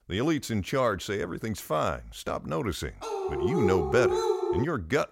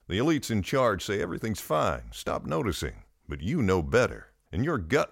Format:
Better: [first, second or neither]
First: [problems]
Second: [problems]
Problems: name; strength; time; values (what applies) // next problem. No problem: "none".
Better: second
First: dog barking; loud; from 3 s on; peak 4 dB above the speech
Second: none